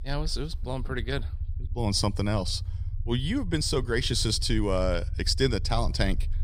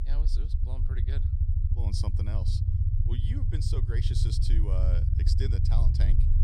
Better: first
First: low rumble; faint; throughout; 25 dB below the speech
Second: low rumble; loud; throughout; 1 dB below the speech

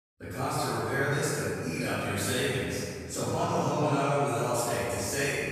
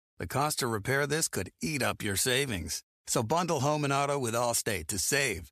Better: second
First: off-mic speech; far // room echo; strong; dies away in 2.1 s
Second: none

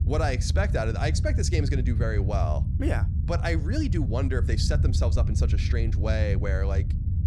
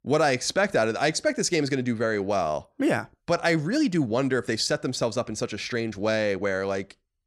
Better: second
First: low rumble; loud; throughout; 9 dB below the speech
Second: none

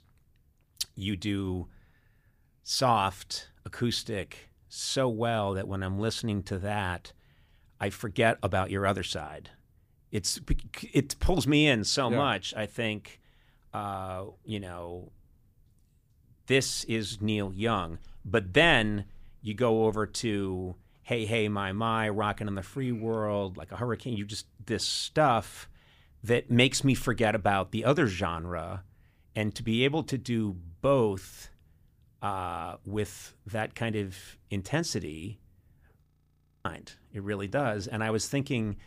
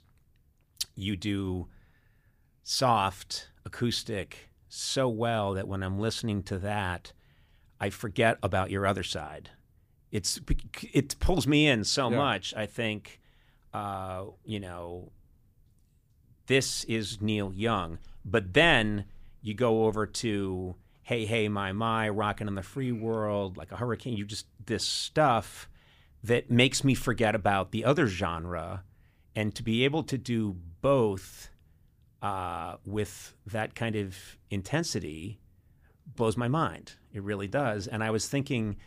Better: second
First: audio freezing; at 36 s for 0.5 s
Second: none

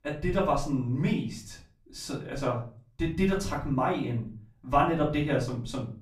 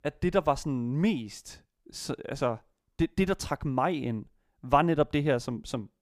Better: second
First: room echo; slight; dies away in 0.4 s // off-mic speech; far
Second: none

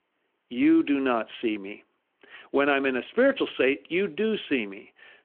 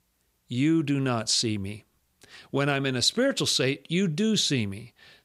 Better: second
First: phone-call audio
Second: none

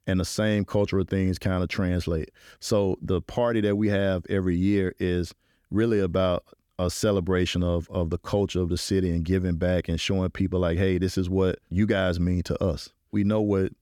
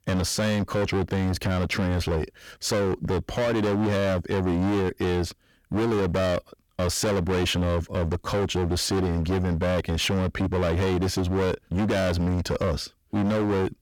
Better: first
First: none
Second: distortion; heavy; 35% of the sound clipped

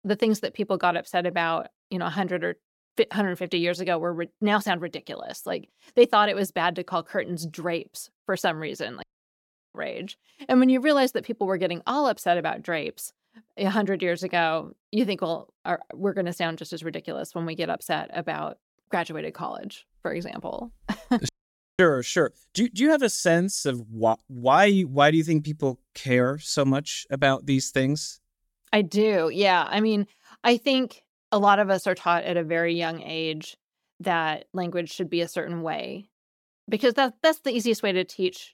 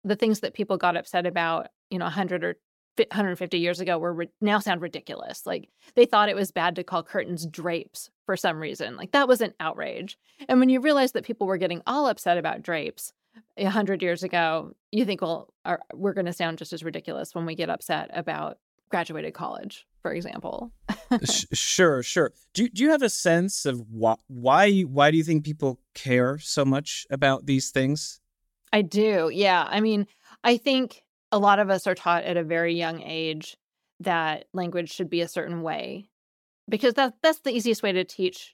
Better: second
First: audio cutting out; at 9 s for 0.5 s and at 21 s for 0.5 s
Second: none

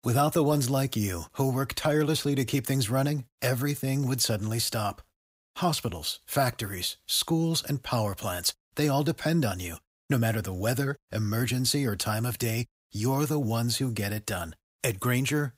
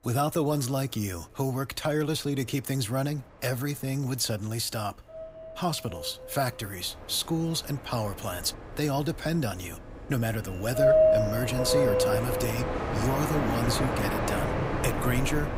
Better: first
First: none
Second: train or aircraft noise; very loud; throughout; 3 dB above the speech

